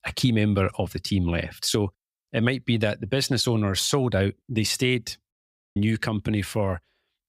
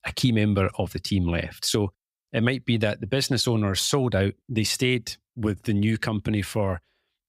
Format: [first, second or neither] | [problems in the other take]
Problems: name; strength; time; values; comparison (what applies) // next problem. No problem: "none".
second | audio cutting out; at 5.5 s